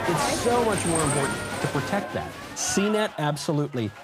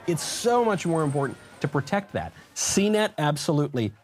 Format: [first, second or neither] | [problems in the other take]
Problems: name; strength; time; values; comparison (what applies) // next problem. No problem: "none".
second | crowd noise; loud; throughout; 2 dB below the speech; faint in the second